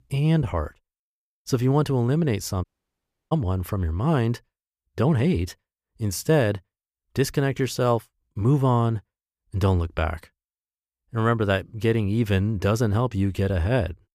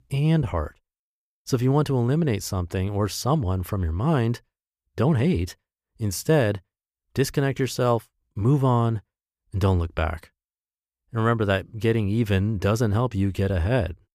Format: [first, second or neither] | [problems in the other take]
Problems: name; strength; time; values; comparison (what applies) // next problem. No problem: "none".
second | audio cutting out; at 2.5 s for 0.5 s